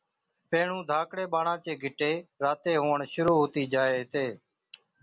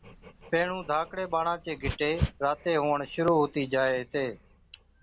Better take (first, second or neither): first